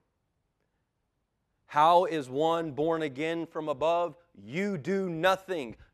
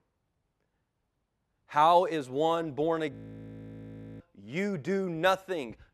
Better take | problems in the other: first | audio freezing; at 3 s for 1 s

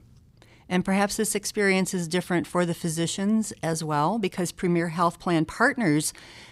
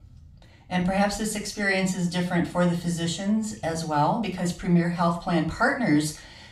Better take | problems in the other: first | room echo; slight; dies away in 0.3 s // off-mic speech; far

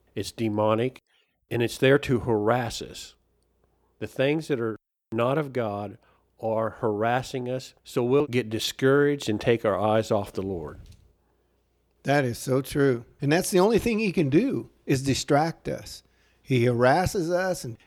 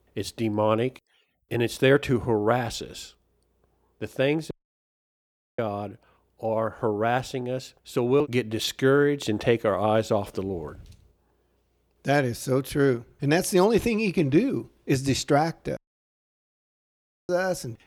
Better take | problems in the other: first | audio cutting out; at 4.5 s for 1 s and at 16 s for 1.5 s

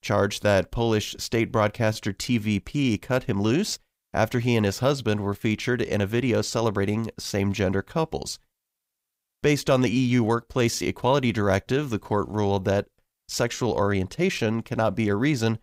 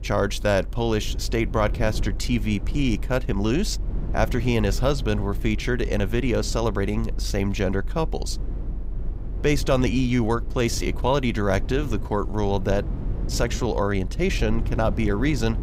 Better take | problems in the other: first | low rumble; noticeable; throughout; 20 dB below the speech

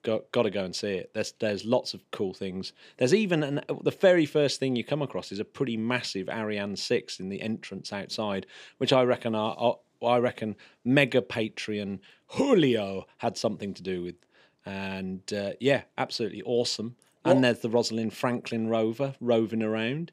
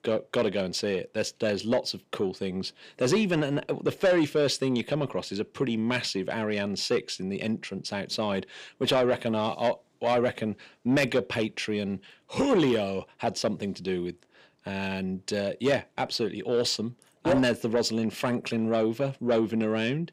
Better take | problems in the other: first | distortion; slight; 10 dB below the speech

